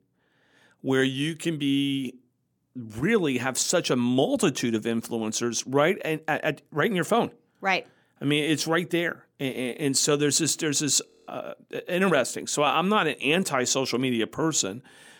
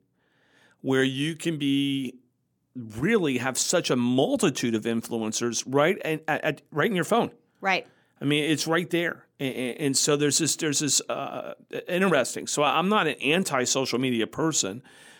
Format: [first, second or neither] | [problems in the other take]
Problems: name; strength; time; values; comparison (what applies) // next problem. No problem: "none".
second | audio freezing; at 11 s